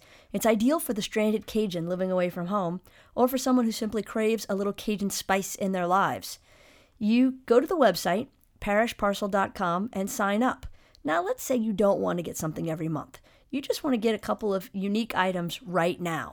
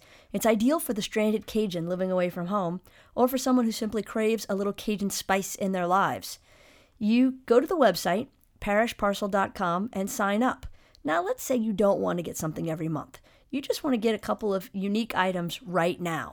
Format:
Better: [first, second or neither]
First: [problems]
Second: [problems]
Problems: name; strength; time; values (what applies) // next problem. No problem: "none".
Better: neither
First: none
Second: none